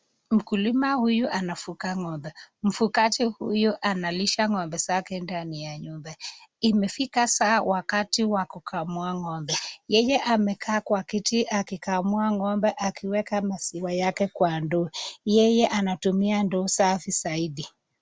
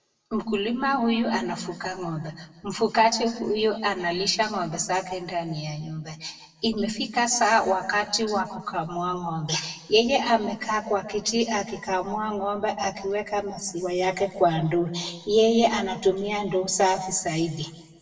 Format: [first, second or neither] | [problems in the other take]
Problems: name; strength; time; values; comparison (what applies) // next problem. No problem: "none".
first | room echo; dies away in 1 s